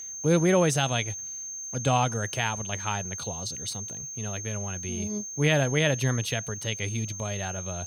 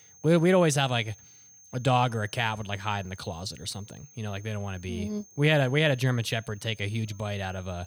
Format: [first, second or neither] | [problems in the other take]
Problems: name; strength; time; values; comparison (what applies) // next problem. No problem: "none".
second | high-pitched whine; loud; throughout; 6.5 kHz, 7 dB below the speech; faint in the second